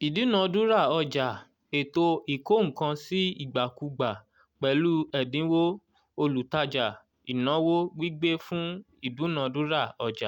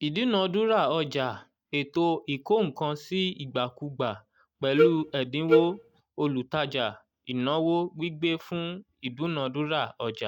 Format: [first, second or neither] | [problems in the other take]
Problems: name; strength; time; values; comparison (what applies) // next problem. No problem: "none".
first | noise reduction (neural mask model DeepFilterNet 3)